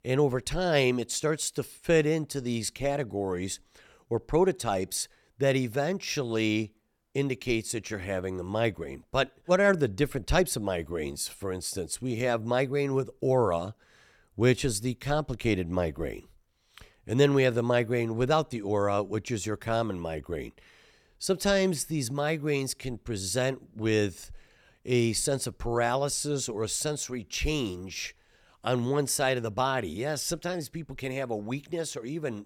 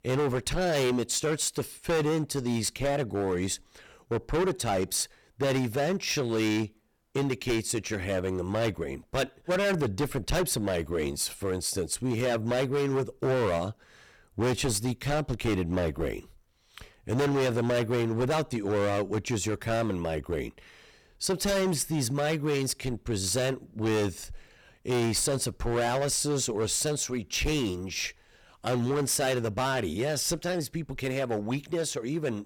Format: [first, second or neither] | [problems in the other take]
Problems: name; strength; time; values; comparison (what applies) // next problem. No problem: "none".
first | distortion; heavy; 14% of the sound clipped